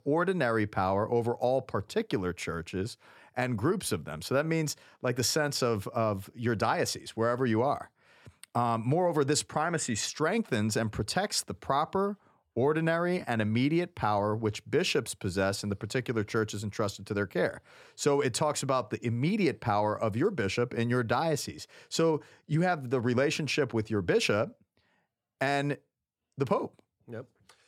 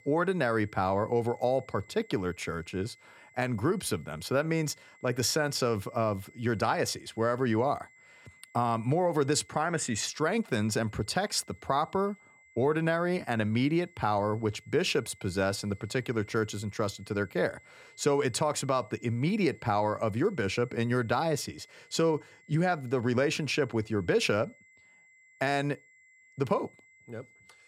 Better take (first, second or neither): first